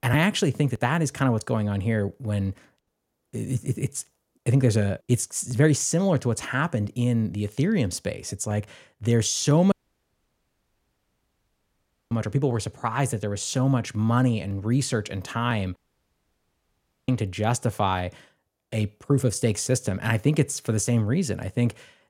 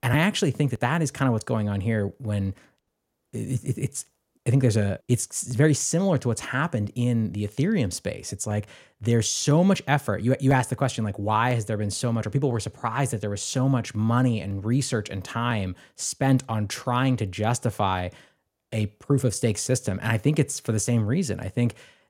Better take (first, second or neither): second